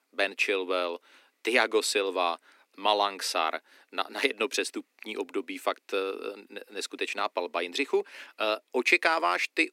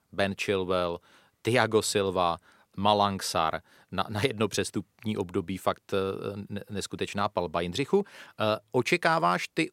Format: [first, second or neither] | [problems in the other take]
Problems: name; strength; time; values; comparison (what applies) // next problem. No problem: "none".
second | thin; somewhat; fading below 250 Hz